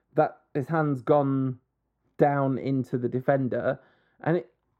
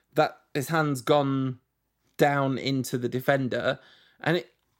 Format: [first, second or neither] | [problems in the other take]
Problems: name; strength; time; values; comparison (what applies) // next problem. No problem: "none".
second | muffled; very; fading above 2 kHz